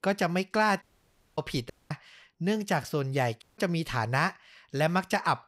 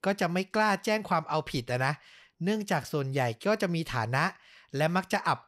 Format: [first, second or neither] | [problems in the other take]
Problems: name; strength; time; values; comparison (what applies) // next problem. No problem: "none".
second | audio cutting out; at 1 s for 0.5 s, at 1.5 s and at 3.5 s